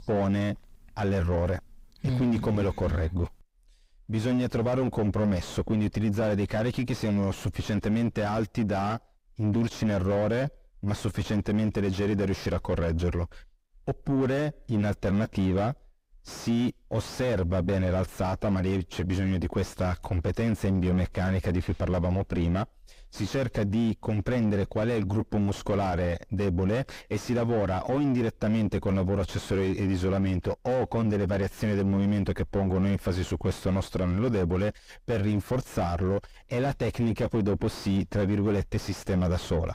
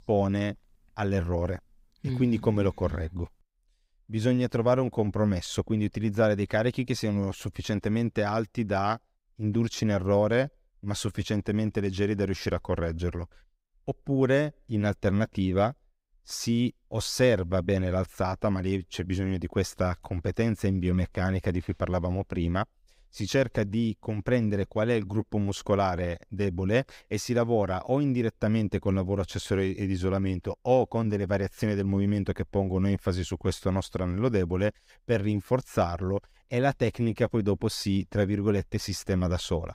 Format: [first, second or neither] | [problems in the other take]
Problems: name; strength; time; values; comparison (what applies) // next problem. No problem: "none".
second | distortion; heavy; 4 dB below the speech